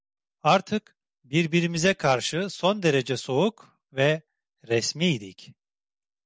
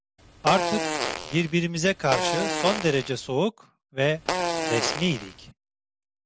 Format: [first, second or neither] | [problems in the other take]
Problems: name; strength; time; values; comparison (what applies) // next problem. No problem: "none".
first | background sound (Fart); 2 dB below the speech